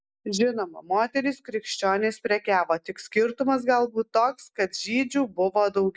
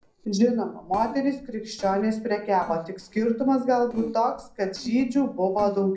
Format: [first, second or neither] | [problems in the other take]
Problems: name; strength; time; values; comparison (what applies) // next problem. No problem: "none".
first | noise reduction (neural separator model SepFormer DNS4)